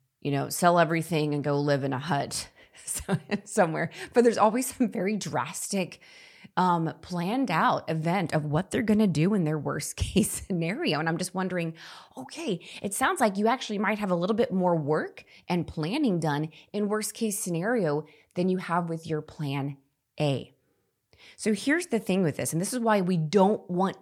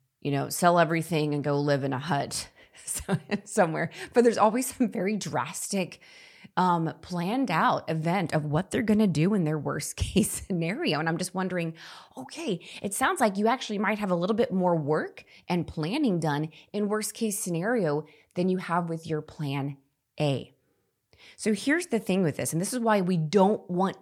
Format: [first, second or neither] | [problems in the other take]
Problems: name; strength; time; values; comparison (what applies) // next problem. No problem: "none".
neither | none